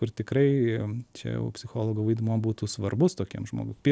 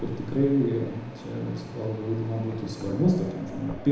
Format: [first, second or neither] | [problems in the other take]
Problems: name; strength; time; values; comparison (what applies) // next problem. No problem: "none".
first | background sound (Mechanisms); 13 dB below the speech // room echo; dies away in 1 s